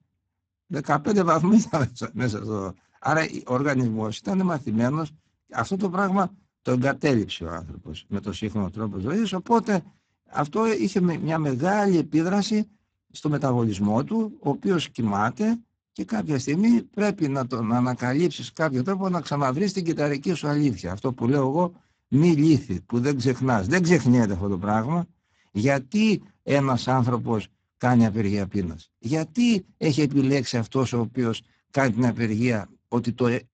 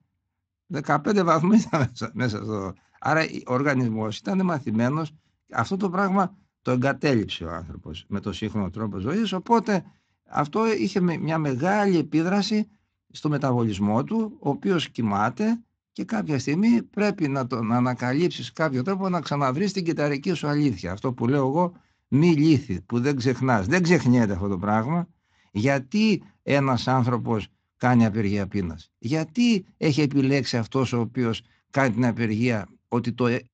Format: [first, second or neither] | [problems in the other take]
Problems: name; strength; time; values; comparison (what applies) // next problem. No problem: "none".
second | garbled, watery; badly; nothing above 7.5 kHz; slightly in the second